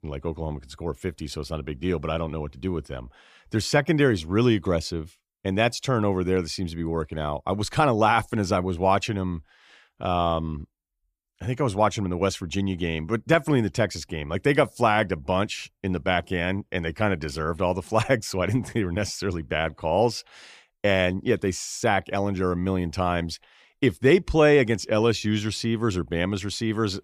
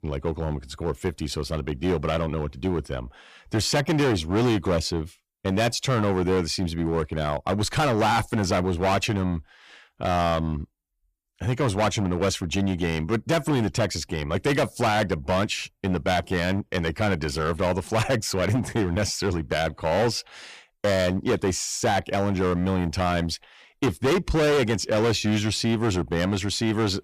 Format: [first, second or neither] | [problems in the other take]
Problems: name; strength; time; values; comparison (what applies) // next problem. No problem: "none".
first | distortion; heavy; 14% of the sound clipped